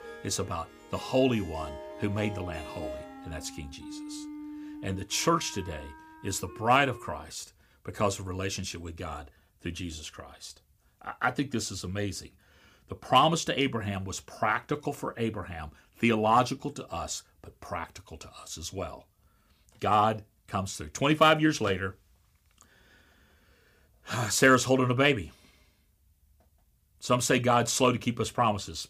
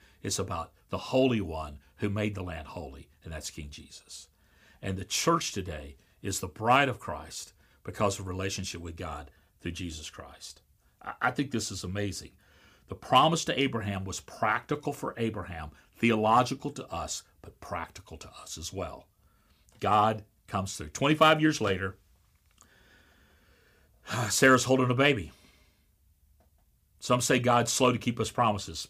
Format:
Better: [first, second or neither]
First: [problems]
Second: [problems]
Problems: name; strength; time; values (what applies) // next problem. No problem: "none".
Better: second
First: background music; noticeable; until 7 s; 15 dB below the speech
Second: none